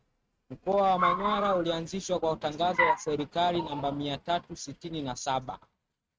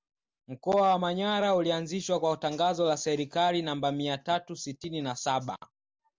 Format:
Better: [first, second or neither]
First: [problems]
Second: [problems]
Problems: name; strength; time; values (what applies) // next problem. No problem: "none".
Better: second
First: noise reduction (neural mask model RNNoise)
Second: none